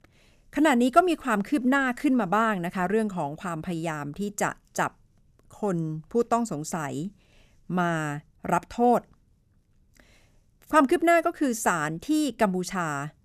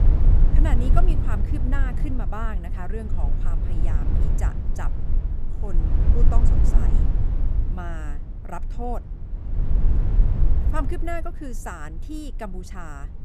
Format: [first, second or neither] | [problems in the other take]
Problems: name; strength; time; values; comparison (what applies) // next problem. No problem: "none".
first | low rumble; loud; throughout; 4 dB below the speech